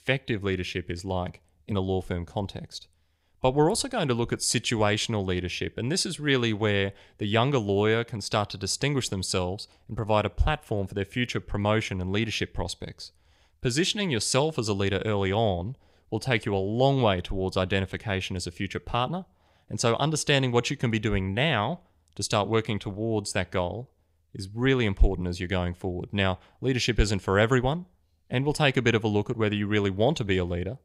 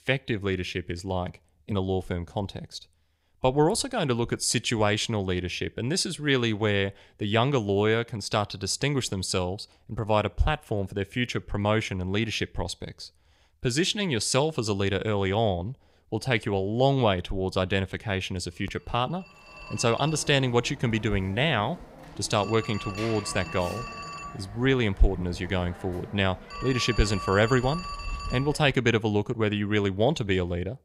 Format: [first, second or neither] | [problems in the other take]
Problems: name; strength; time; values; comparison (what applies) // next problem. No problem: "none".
first | phone ringing; noticeable; from 19 to 29 s; peak 8 dB below the speech